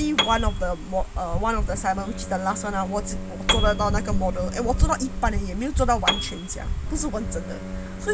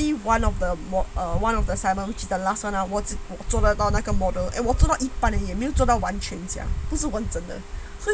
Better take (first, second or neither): second